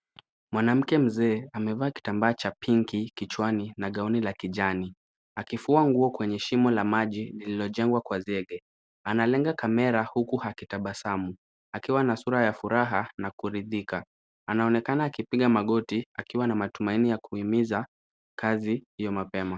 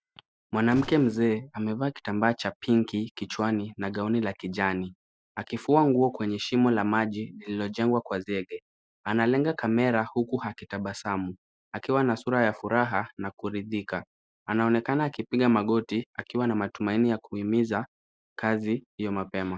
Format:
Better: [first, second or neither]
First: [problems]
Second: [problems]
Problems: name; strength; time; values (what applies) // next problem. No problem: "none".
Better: first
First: none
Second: noise reduction (classical method Wiener filter)